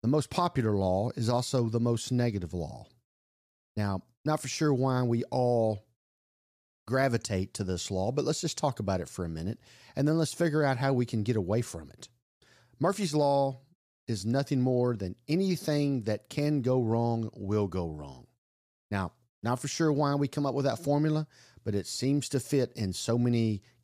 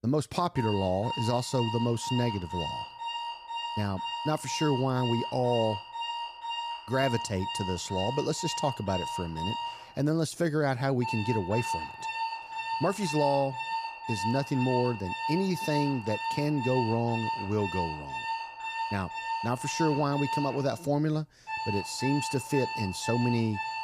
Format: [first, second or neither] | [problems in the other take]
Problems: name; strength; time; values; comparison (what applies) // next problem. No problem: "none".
first | alarms or sirens; loud; throughout; 4 dB below the speech